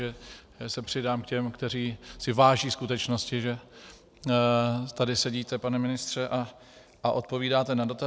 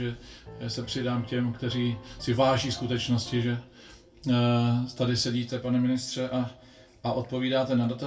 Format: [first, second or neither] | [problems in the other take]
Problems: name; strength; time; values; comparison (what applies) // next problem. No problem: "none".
first | background sound (Piano); 18 dB below the speech // room echo; dies away in 0.2 s